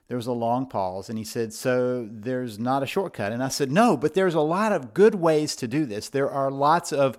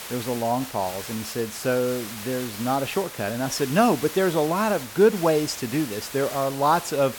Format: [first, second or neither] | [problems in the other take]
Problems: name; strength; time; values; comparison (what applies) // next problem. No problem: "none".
first | hiss; noticeable; throughout; 10 dB below the speech